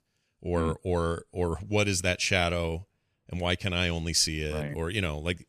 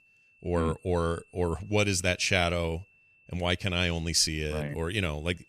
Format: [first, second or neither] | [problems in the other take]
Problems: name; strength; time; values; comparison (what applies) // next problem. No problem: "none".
first | high-pitched whine; faint; throughout; 2.5 kHz, 30 dB below the speech